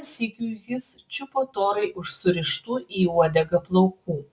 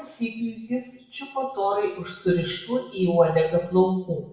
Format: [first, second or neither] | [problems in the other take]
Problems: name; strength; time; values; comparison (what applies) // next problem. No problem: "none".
first | room echo; dies away in 0.8 s